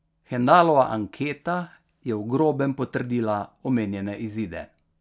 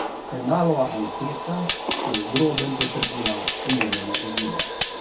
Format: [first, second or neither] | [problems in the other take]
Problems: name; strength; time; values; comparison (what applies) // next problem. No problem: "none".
first | background sound (Fire); 2 dB below the speech // room echo; dies away in 0.3 s